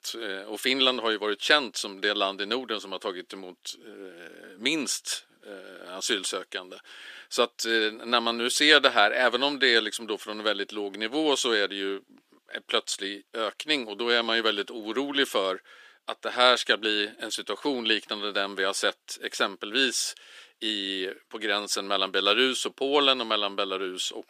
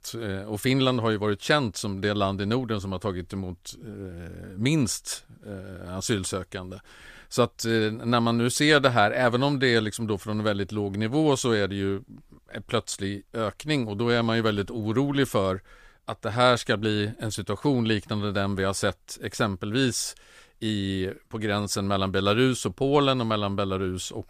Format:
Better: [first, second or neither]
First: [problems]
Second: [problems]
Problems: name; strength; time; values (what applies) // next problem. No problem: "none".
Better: second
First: thin; somewhat; fading below 300 Hz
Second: none